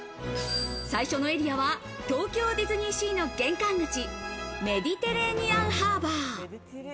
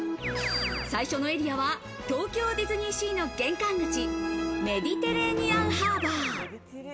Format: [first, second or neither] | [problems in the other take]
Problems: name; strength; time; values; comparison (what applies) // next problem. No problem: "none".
first | background sound (Keyboard (musical)); 5 dB below the speech